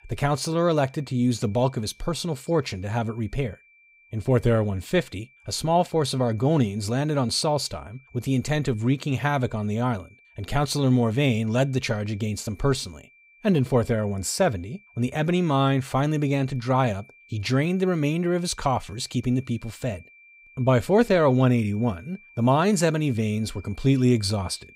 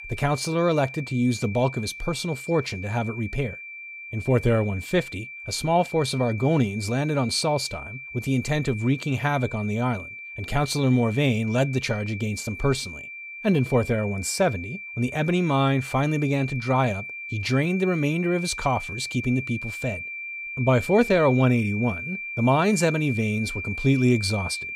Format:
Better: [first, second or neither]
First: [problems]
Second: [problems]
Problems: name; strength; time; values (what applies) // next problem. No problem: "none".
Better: first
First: high-pitched whine; faint; throughout; 2.5 kHz, 30 dB below the speech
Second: high-pitched whine; loud; throughout; 2.5 kHz, 10 dB below the speech